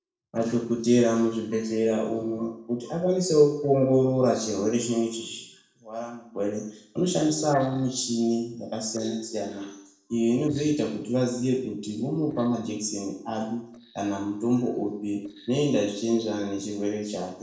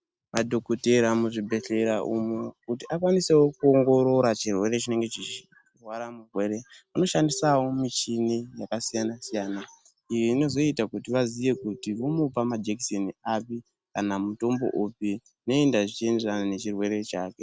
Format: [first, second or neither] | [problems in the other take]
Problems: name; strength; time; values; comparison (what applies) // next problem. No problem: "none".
second | noise reduction (neural separator model SepFormer DNS4)